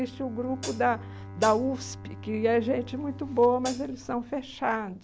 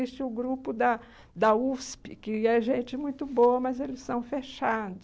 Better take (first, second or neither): second